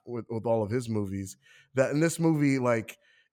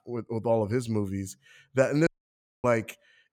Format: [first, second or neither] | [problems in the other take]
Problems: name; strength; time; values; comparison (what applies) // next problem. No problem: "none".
first | audio cutting out; at 2 s for 0.5 s